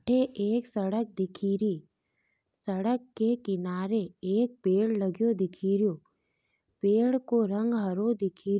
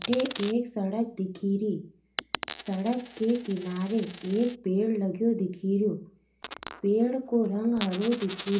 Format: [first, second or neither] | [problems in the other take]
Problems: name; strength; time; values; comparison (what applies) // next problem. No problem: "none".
first | background sound (Coin (dropping)); 14 dB below the speech // room echo; dies away in 0.3 s